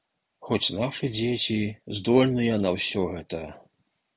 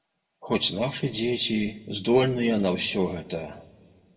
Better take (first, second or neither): first